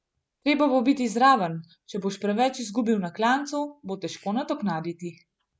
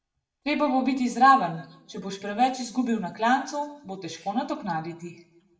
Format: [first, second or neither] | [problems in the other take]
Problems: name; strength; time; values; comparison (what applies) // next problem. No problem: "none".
first | room echo; dies away in 0.7 s